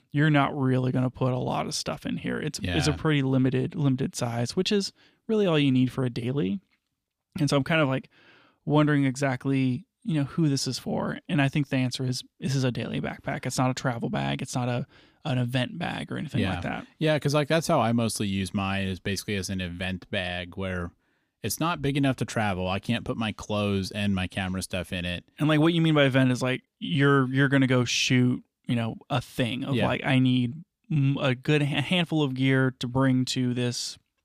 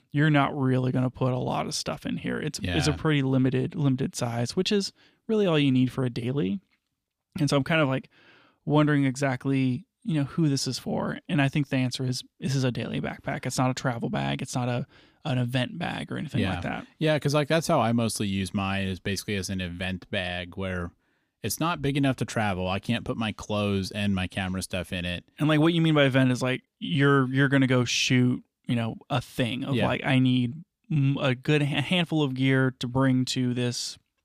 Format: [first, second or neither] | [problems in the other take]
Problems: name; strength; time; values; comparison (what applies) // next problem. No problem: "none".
neither | none